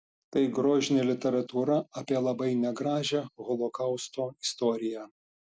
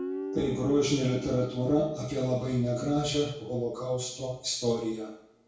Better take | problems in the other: first | background sound (Guitar); 12 dB below the speech // room echo; dies away in 0.6 s

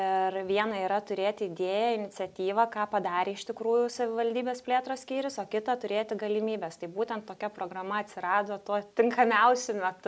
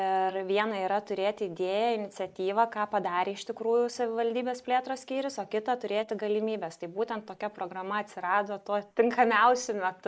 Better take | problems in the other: first | noise reduction (neural mask model Resemble Enhance denoiser)

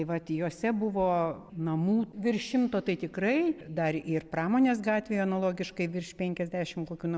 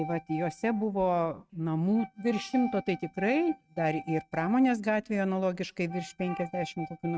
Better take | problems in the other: first | noise reduction (neural mask model RNNoise)

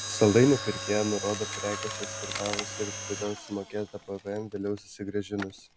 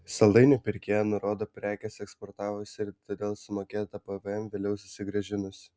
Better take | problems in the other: second | background sound (Mechanisms); 8 dB below the speech

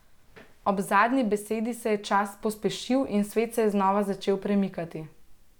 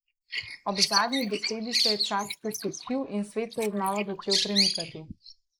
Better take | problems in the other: first | noise reduction (neural mask model Resemble Enhance denoiser)

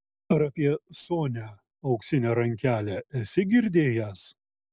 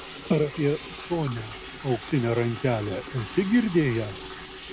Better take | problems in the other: first | background sound (Liquid); 13 dB below the speech

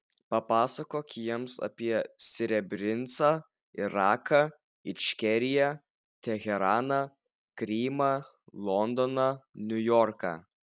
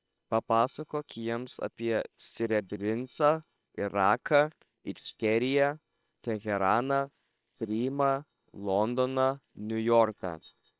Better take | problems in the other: first | noise reduction (neural separator model SepFormer WHAM!)

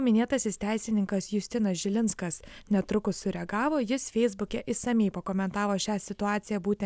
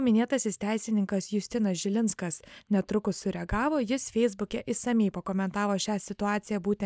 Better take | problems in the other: first | noise reduction (neural mask model DeepFilterNet 3)

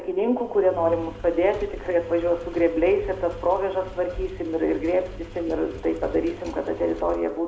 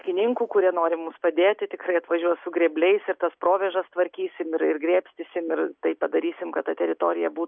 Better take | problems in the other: second | background sound (Engine); 15 dB below the speech // room echo; dies away in 0.5 s

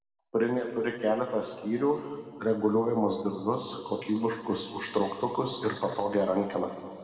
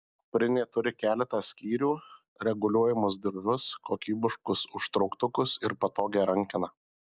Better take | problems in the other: second | room echo; dies away in 2.1 s

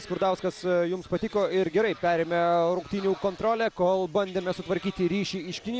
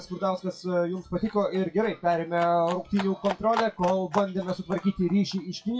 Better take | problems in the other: first | noise reduction (classical method WPE with log-MMSE)

